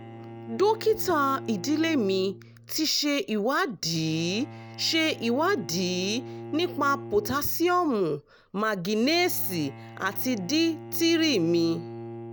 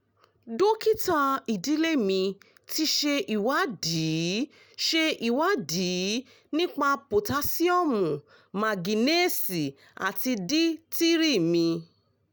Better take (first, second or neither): second